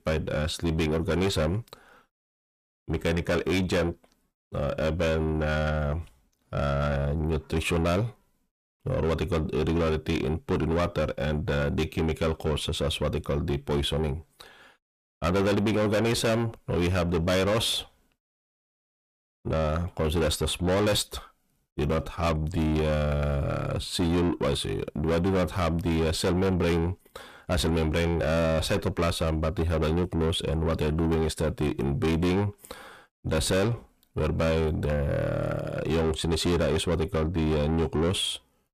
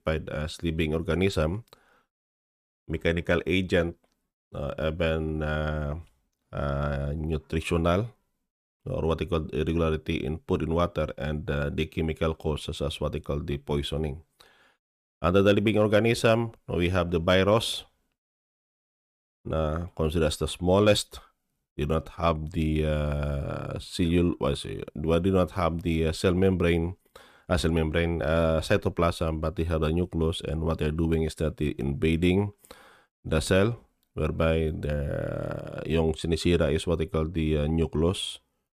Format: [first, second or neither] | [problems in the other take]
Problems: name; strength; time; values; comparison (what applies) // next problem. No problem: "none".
second | distortion; heavy; 7 dB below the speech